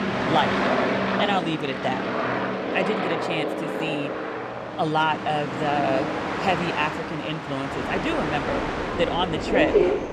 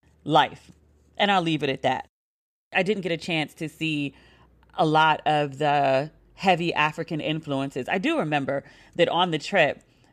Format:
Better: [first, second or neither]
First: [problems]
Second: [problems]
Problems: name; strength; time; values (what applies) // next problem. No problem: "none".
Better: second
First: train or aircraft noise; very loud; throughout; 1 dB above the speech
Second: none